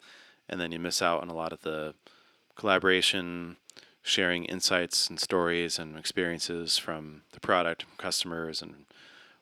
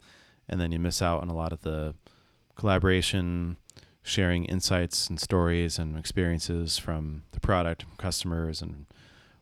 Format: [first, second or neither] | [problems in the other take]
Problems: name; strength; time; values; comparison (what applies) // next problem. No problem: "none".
second | thin; somewhat; fading below 350 Hz